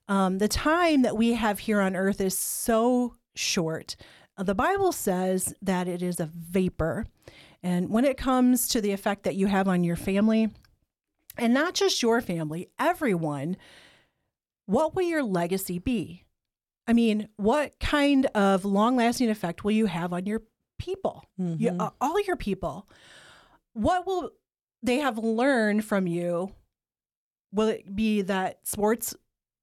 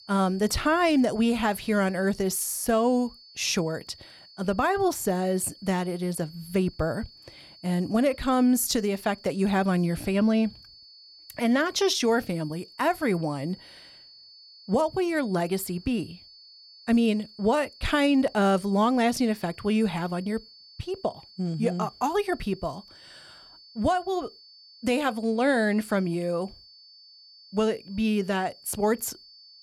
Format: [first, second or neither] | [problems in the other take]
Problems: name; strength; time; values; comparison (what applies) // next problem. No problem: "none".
first | high-pitched whine; faint; throughout; 4.5 kHz, 20 dB below the speech